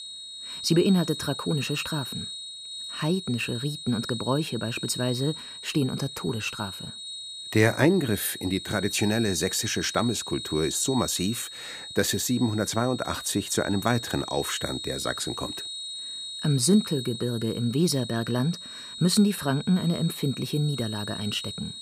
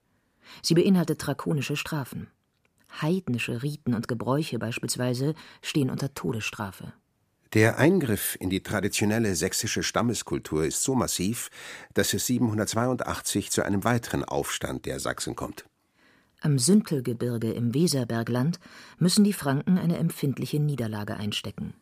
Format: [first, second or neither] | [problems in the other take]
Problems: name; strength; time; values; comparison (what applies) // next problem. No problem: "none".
second | high-pitched whine; loud; throughout; 4 kHz, 8 dB below the speech